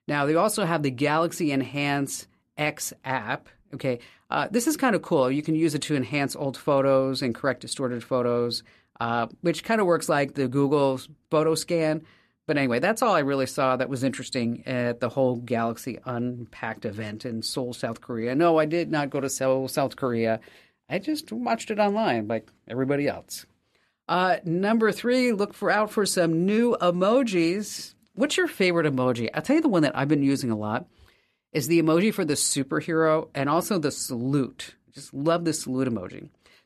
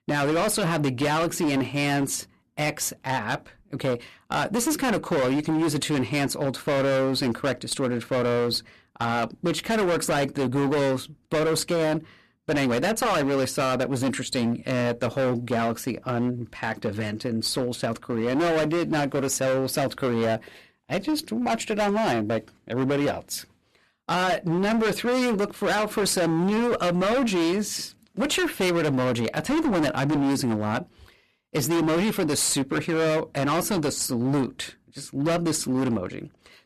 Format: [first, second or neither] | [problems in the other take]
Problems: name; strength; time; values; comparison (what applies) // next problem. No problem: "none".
first | distortion; heavy; 23% of the sound clipped